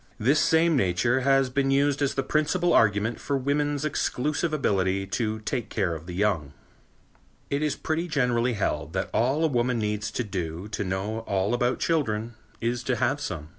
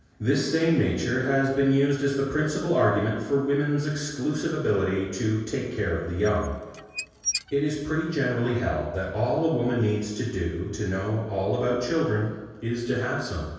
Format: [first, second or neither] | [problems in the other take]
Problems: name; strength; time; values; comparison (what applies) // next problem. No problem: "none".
first | background sound (Squeak / Dishes, pots, and pans); 10 dB below the speech // room echo; dies away in 1.2 s